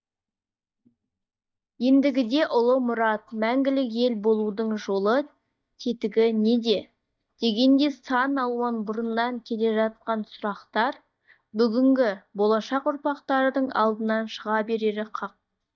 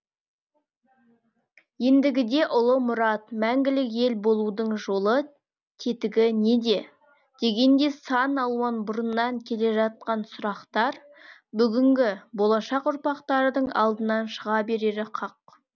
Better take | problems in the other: second | noise reduction (neural mask model DeepFilterNet 3)

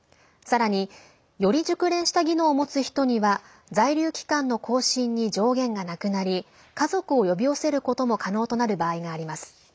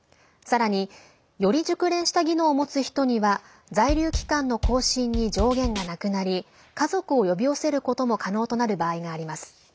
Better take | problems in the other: first | background sound (Drum kit); 5 dB below the speech

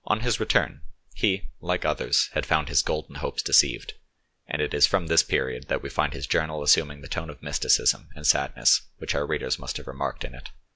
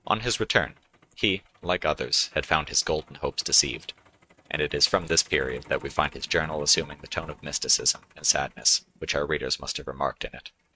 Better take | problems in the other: first | noise reduction (neural mask model RNNoise)

